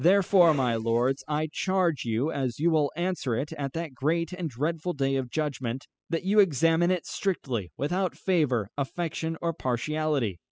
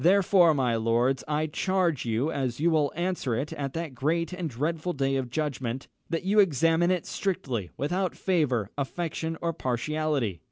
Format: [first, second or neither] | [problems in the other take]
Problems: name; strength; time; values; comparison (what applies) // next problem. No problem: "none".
second | noise reduction (classical method spectral subtraction)